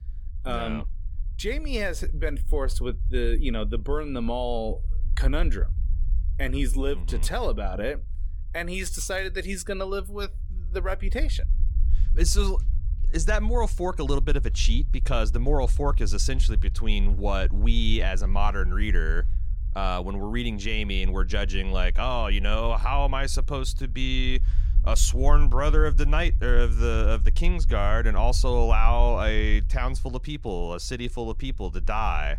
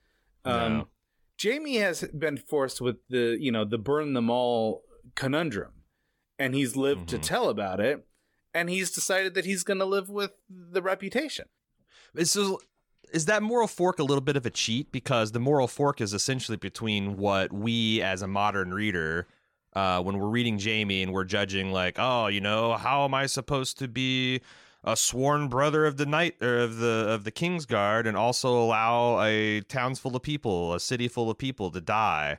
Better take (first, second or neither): second